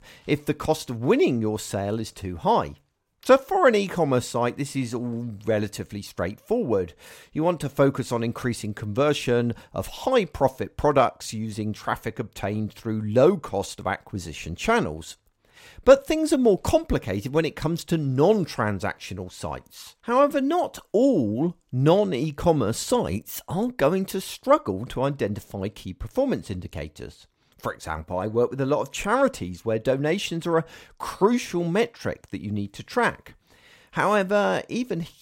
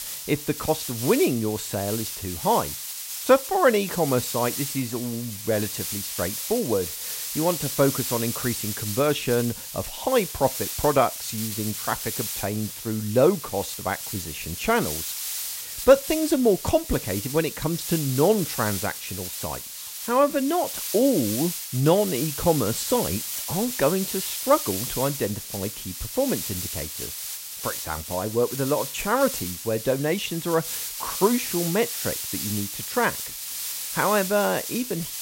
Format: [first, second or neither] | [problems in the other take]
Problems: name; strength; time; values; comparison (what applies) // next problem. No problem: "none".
first | hiss; loud; throughout; 5 dB below the speech